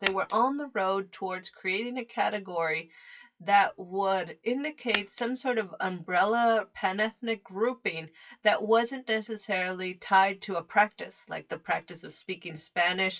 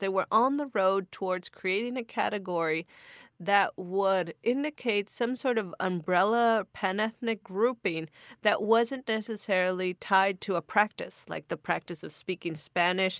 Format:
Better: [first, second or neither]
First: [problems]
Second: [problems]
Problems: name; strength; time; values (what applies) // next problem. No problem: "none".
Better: second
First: noise reduction (classical method WPE with log-MMSE)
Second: none